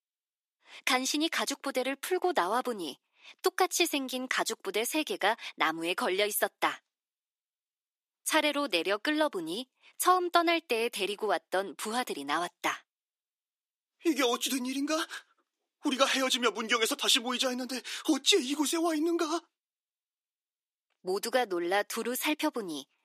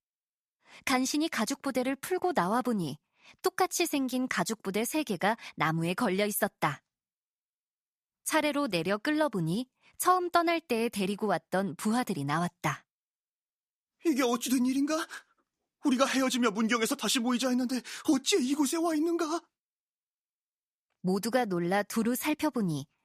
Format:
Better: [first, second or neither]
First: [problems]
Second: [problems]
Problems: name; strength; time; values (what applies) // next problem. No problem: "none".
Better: second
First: thin; very slightly; fading below 350 Hz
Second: none